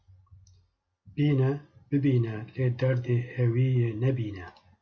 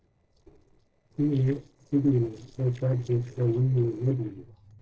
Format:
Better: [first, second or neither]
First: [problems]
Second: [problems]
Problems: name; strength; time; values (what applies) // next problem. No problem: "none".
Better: first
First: none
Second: noise reduction (neural separator model SepFormer DNS4)